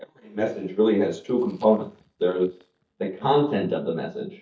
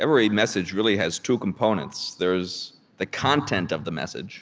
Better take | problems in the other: second | noise reduction (neural mask model DeepFilterNet 3)

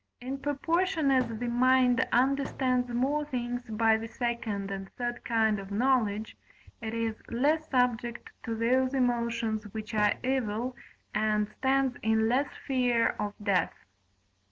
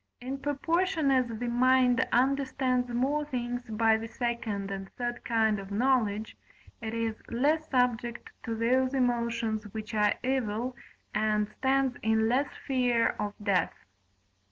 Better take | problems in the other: second | background sound (Thump, thud); 18 dB below the speech

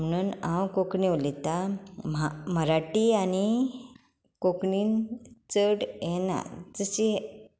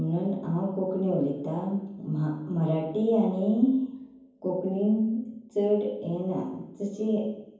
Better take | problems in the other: first | room echo; dies away in 0.9 s

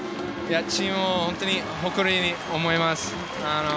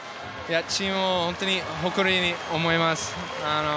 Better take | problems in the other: second | background sound (Sink (filling or washing) / Water tap, faucet); 9 dB below the speech

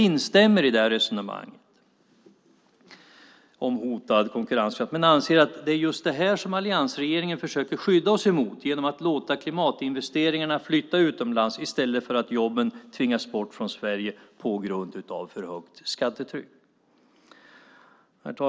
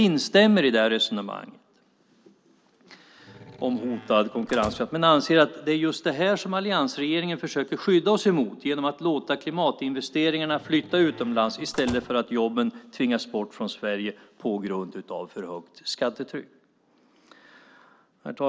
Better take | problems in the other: first | background sound (Slam); 17 dB below the speech

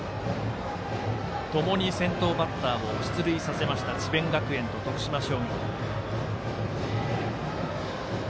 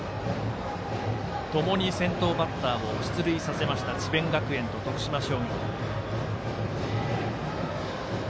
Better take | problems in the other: second | background sound (Trumpet); 19 dB below the speech

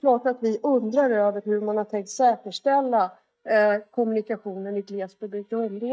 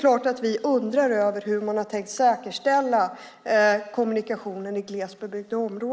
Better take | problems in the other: second | noise reduction (neural mask model DeepFilterNet 3)

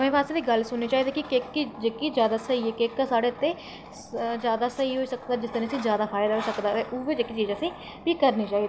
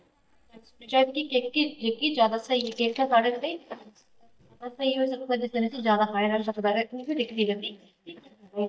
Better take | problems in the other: first | noise reduction (neural mask model DeepFilterNet 3)

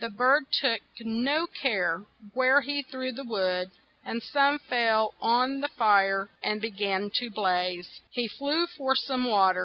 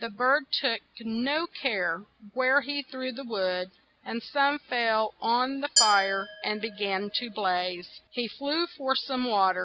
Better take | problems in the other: first | background sound (Glass); 4 dB below the speech

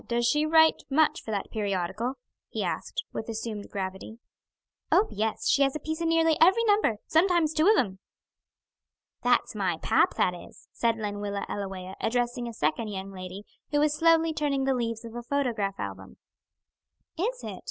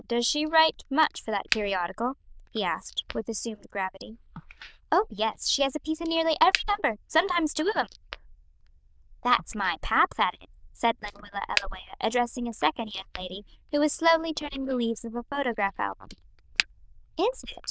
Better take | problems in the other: first | noise reduction (neural diffusion model UNIVERSE++)

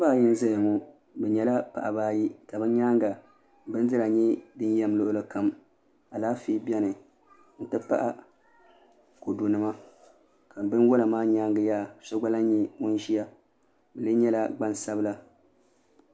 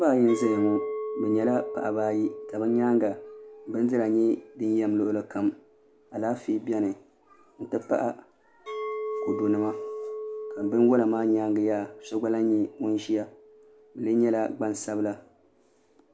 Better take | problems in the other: first | background sound (Chink, clink); 11 dB below the speech

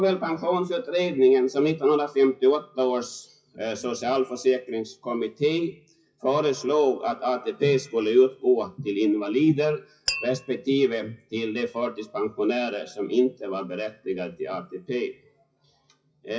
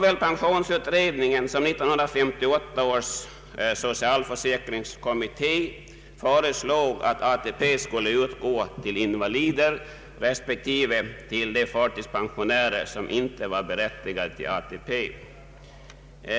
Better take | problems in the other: second | noise reduction (classical method WPE with log-MMSE)

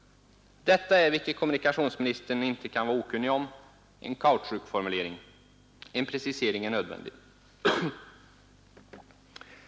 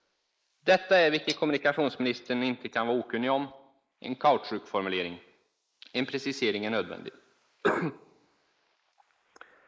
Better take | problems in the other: first | noise reduction (neural mask model Resemble Enhance denoiser)

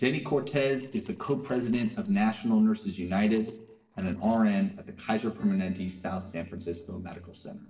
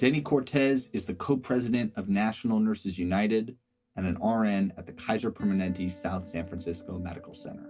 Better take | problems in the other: second | noise reduction (neural separator model SepFormer DNS4)

